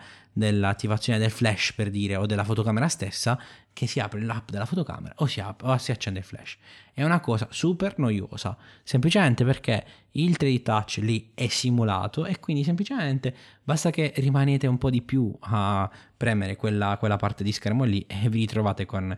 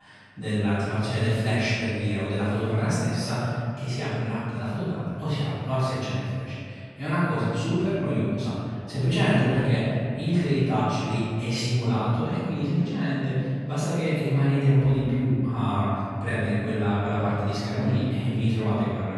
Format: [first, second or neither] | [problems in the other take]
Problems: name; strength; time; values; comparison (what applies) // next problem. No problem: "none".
first | room echo; strong; dies away in 2.2 s // off-mic speech; far